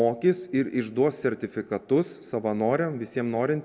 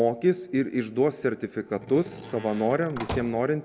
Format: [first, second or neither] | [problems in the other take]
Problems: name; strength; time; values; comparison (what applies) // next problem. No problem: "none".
first | background sound (Slam); 13 dB below the speech